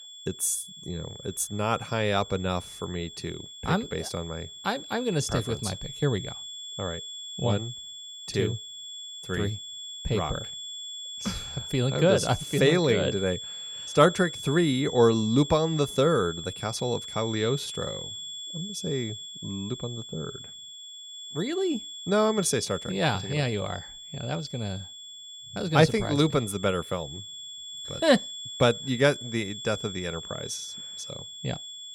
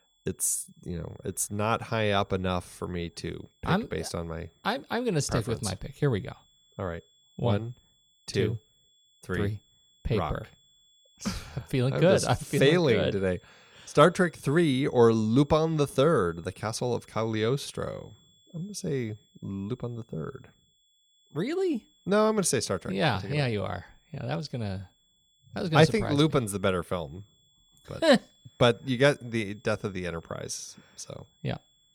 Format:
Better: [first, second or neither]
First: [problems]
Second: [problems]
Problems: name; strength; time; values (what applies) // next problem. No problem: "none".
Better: second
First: high-pitched whine; loud; throughout; 3.5 kHz, 10 dB below the speech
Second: high-pitched whine; faint; throughout; 3.5 kHz, 35 dB below the speech